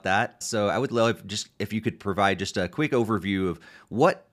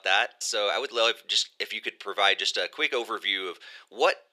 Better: first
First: none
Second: thin; very; fading below 450 Hz

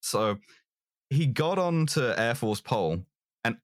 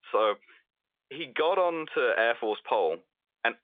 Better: first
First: none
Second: phone-call audio; nothing above 3.5 kHz

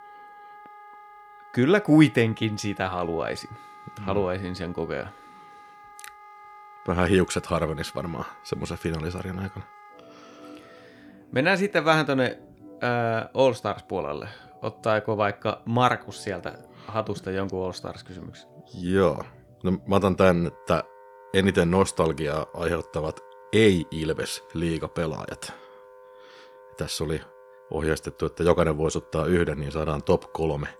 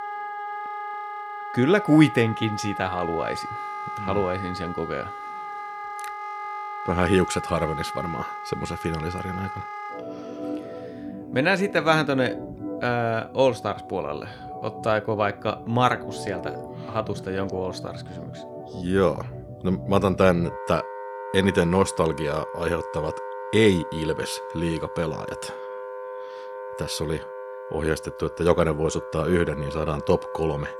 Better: first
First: background music; faint; throughout; 25 dB below the speech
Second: background music; loud; throughout; 10 dB below the speech

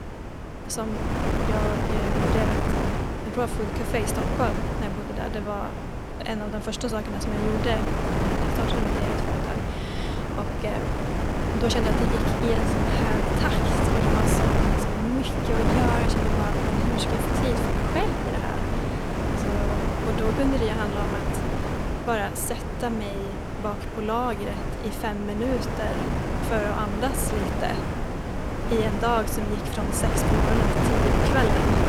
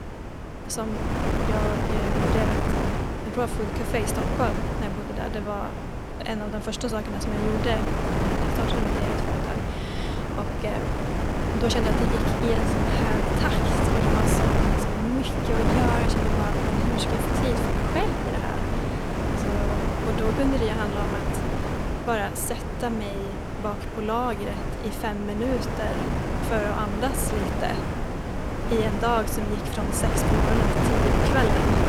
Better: neither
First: wind noise on the microphone; heavy; 2 dB above the speech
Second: wind noise on the microphone; heavy; 2 dB above the speech

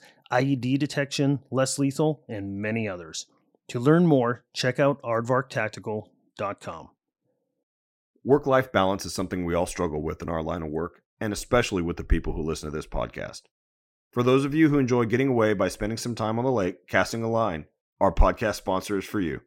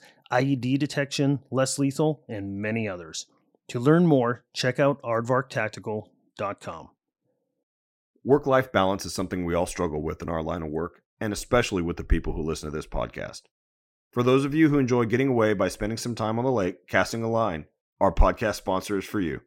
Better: neither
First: none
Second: none

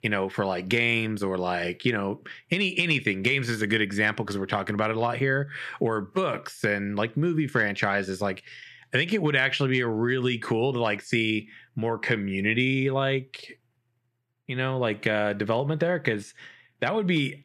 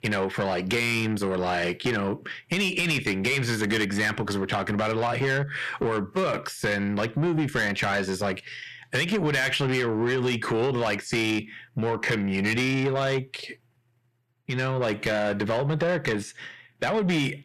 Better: first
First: none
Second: distortion; heavy; 8 dB below the speech

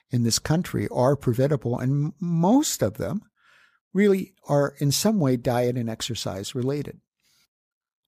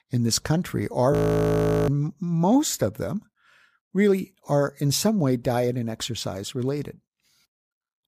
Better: first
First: none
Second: audio freezing; at 1 s for 1 s

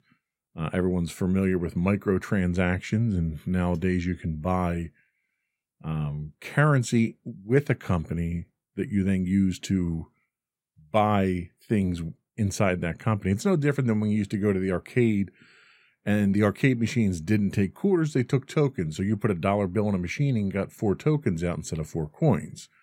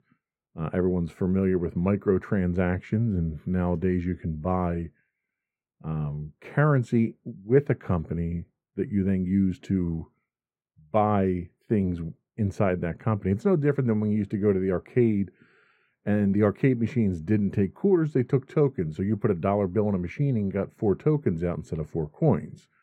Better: first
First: none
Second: muffled; very; fading above 2.5 kHz

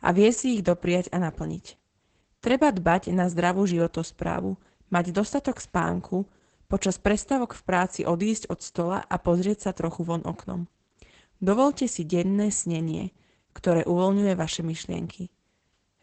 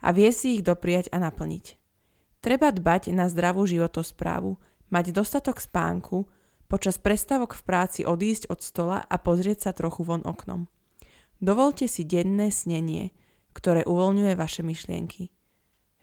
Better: second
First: garbled, watery; badly; nothing above 8 kHz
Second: garbled, watery; slightly

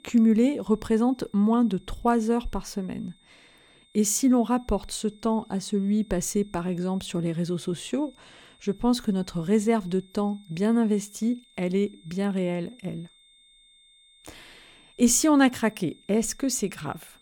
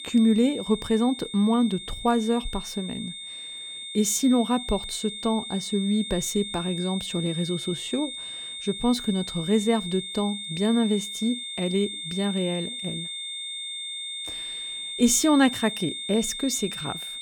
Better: first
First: high-pitched whine; faint; throughout; 3.5 kHz, 30 dB below the speech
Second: high-pitched whine; loud; throughout; 3.5 kHz, 7 dB below the speech

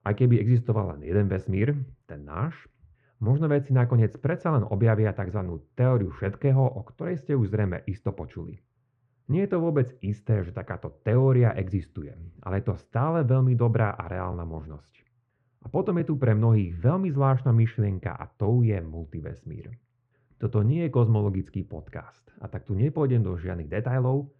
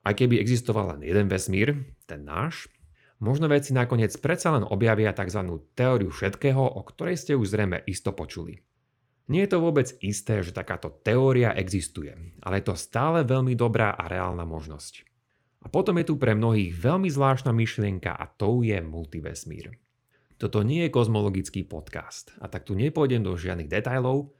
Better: second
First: muffled; very; fading above 1.5 kHz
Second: none

